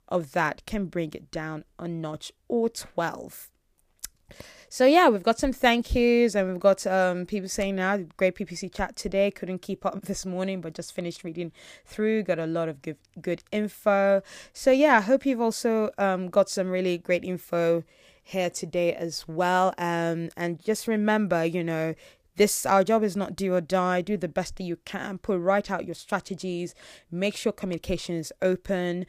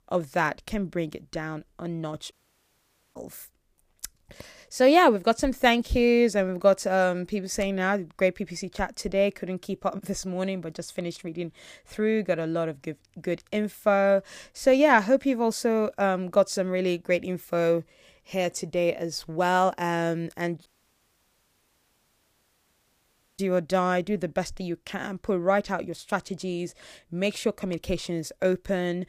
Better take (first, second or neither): first